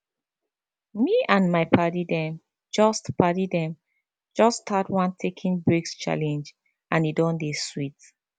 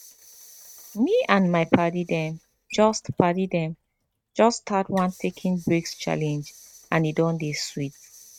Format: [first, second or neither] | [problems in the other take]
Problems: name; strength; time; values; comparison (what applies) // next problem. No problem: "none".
first | noise reduction (neural mask model RNNoise)